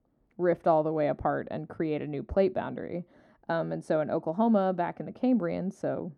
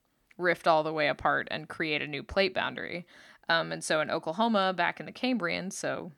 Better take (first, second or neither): second